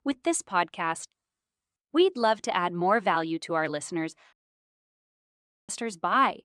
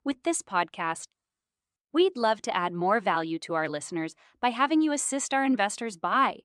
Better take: second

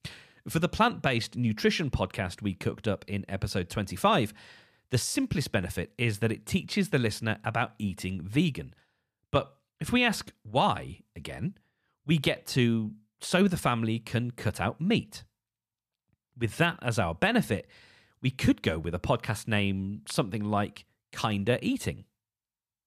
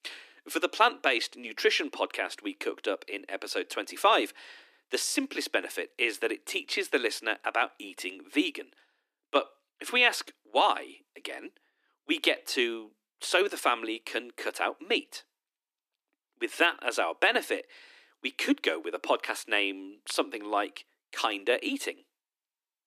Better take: first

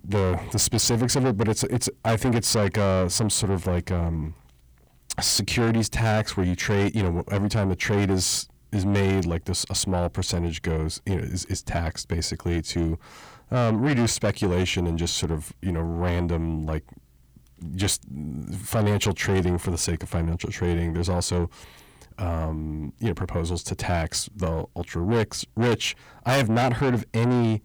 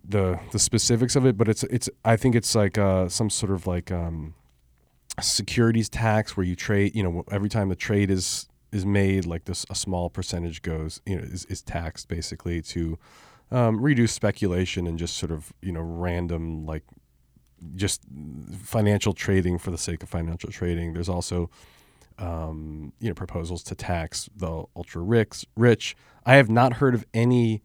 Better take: second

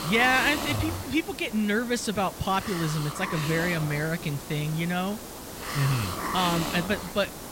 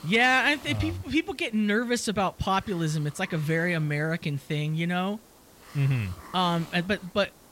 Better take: second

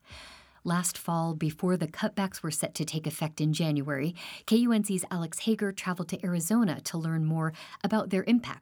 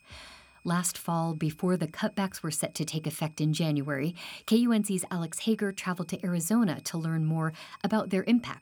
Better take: first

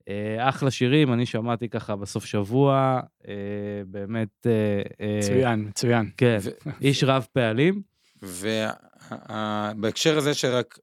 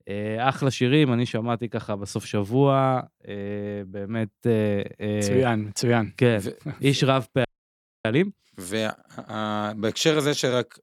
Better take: first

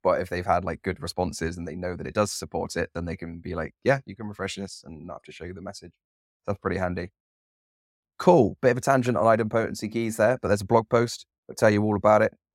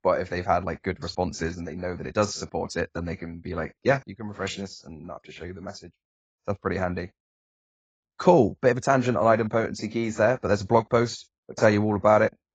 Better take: first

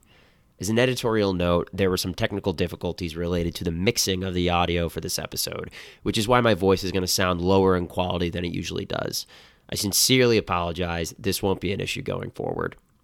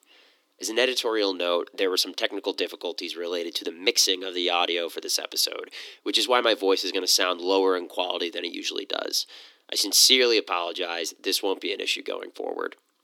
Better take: first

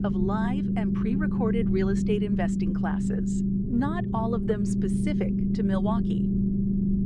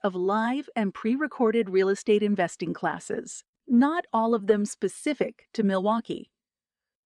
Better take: second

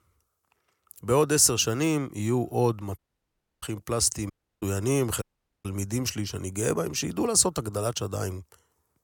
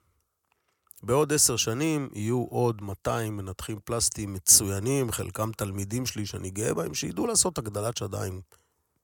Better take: second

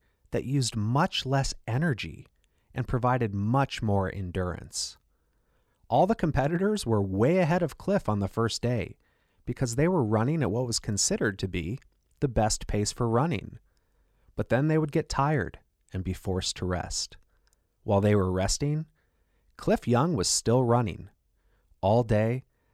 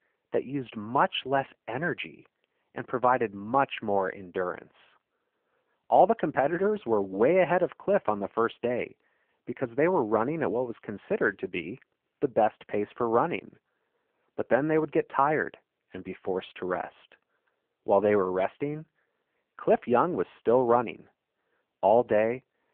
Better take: first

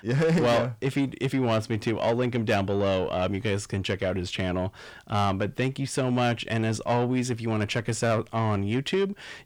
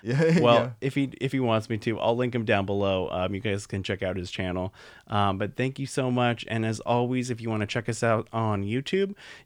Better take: second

